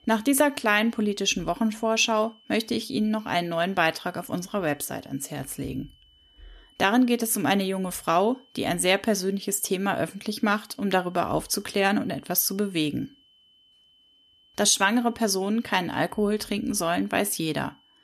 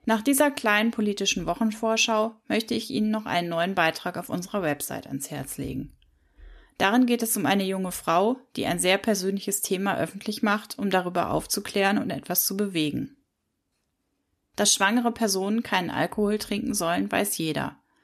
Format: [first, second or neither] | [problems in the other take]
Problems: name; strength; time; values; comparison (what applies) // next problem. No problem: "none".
second | high-pitched whine; faint; throughout; 3 kHz, 30 dB below the speech